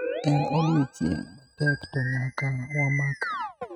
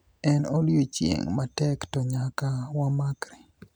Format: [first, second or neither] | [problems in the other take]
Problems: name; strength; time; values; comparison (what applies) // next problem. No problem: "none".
second | noise reduction (neural mask model RNNoise)